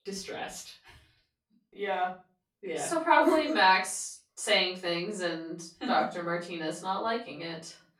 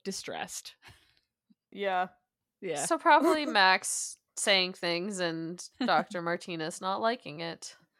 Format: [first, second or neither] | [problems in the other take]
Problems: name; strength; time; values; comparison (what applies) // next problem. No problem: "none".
second | room echo; slight; dies away in 0.3 s // off-mic speech; far